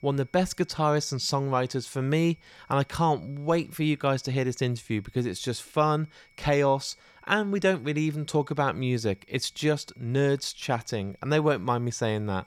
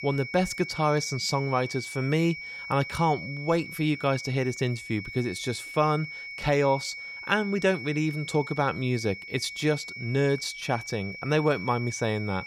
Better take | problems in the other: first | high-pitched whine; loud; throughout; 2.5 kHz, 10 dB below the speech; faint in the first

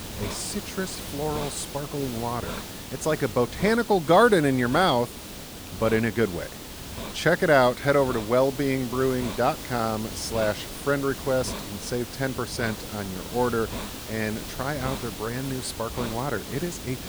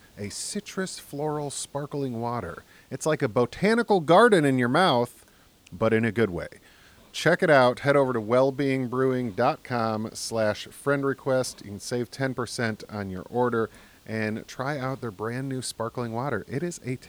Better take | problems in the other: second | hiss; loud; throughout; 10 dB below the speech; faint in the second

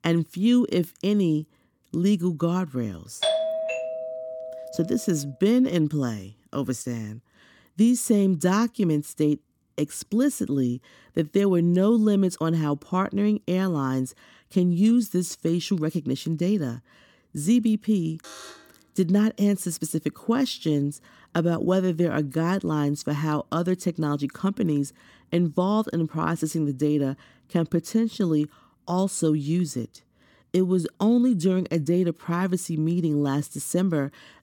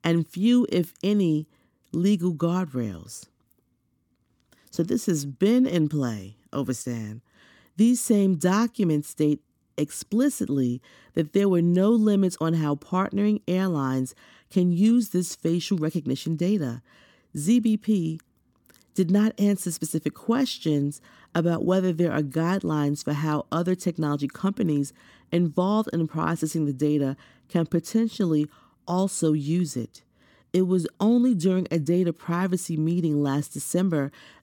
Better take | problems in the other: second | doorbell; loud; from 3 to 5 s; peak level with the speech // alarm; faint; at 18 s; peak 15 dB below the speech

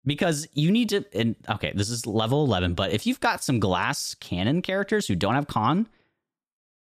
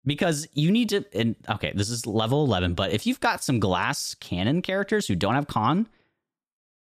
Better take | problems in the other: neither | none

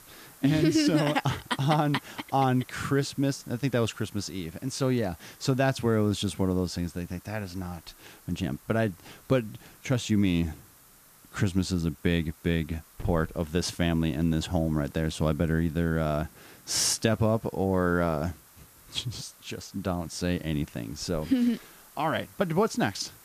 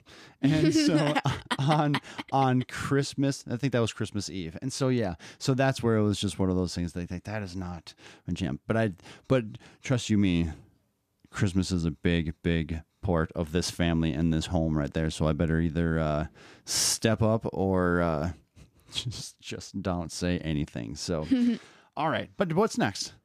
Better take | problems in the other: second | hiss; faint; throughout; 25 dB below the speech

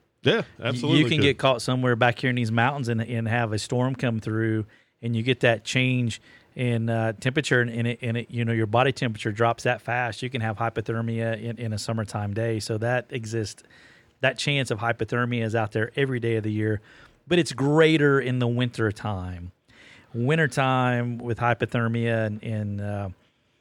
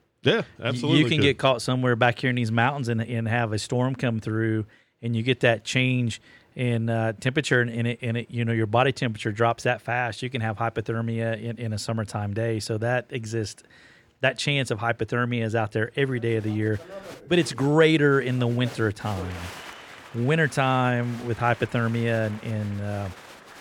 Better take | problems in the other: first | crowd noise; noticeable; from 16 s on; 20 dB below the speech

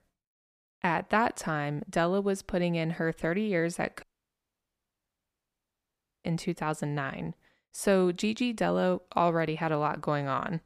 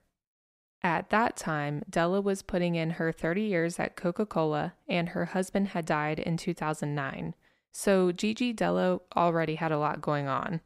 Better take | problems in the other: second | audio cutting out; at 4 s for 2 s

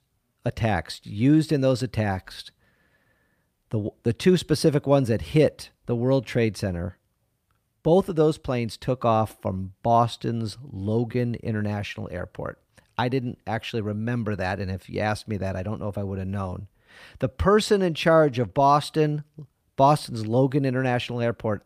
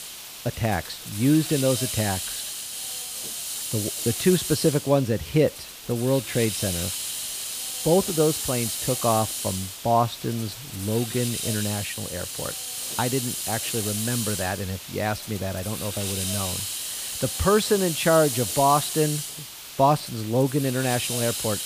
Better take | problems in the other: first | hiss; loud; throughout; 4 dB below the speech

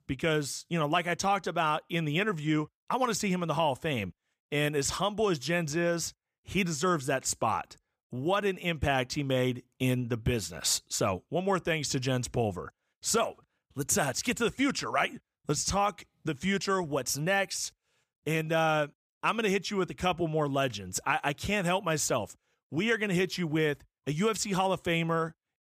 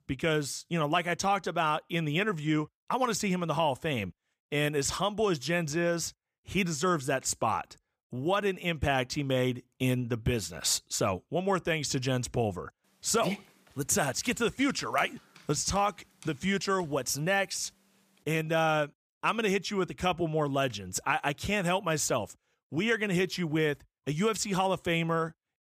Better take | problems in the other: first | dog barking; noticeable; from 13 to 16 s; peak 7 dB below the speech

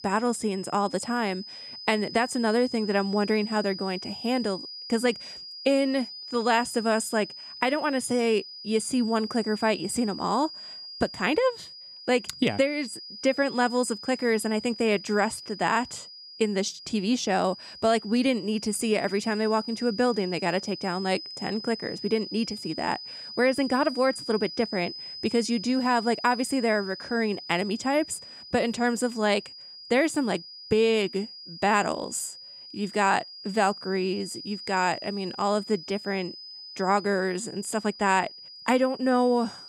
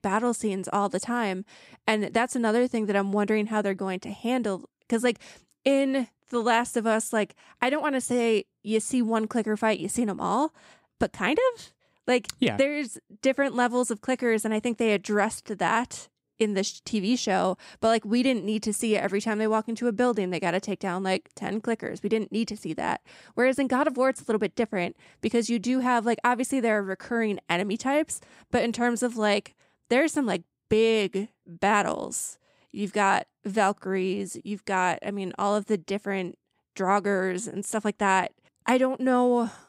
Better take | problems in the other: second | high-pitched whine; noticeable; throughout; 5 kHz, 10 dB below the speech

